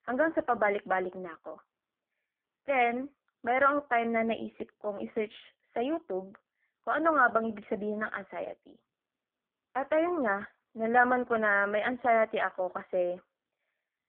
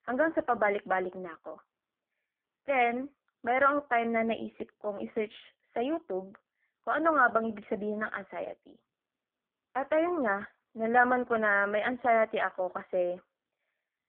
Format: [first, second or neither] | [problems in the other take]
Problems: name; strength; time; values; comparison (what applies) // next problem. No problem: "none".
neither | phone-call audio; poor line; the same in both